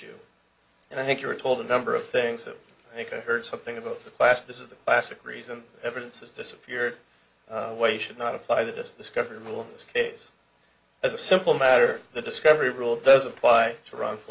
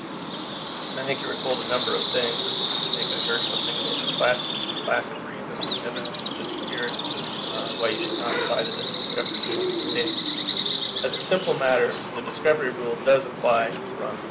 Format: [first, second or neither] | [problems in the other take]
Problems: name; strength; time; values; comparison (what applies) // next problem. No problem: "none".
first | background sound (Bird vocalization, bird call, bird song); as loud as the speech